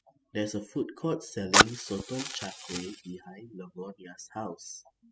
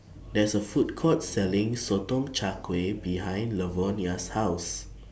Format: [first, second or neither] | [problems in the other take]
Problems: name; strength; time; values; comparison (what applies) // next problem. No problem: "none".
second | noise reduction (classical method spectral subtraction)